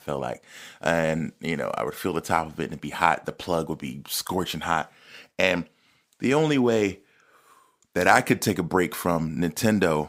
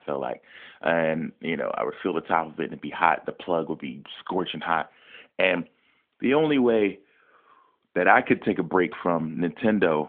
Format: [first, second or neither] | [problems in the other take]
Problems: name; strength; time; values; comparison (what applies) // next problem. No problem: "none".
first | phone-call audio